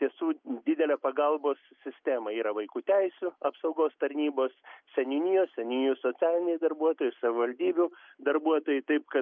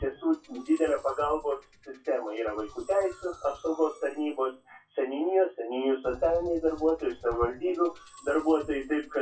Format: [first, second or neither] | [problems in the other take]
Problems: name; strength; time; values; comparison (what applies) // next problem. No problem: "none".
first | noise reduction (classical method WPE with log-MMSE)